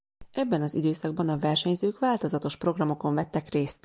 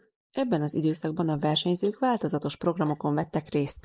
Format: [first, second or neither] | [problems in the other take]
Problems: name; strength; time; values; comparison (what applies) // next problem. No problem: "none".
first | noise reduction (neural mask model Resemble Enhance denoiser)